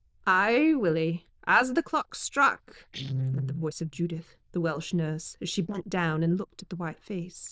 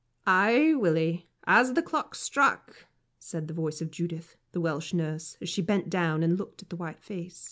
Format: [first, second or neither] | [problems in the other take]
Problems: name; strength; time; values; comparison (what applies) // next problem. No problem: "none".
second | noise reduction (neural diffusion model UNIVERSE++)